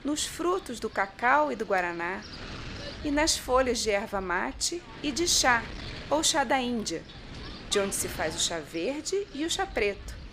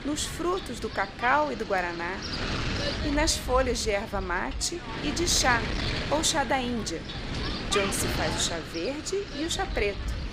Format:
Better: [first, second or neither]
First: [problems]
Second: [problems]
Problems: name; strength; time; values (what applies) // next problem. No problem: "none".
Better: first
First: wind noise on the microphone; occasional gusts; 15 dB below the speech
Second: wind noise on the microphone; heavy; 7 dB below the speech